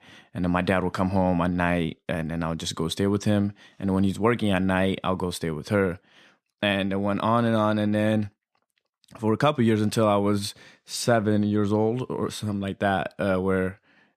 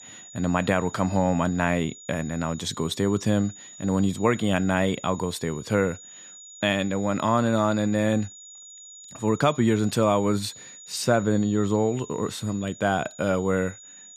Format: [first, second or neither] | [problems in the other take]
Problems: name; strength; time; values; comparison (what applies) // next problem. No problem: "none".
first | high-pitched whine; noticeable; throughout; 7 kHz, 20 dB below the speech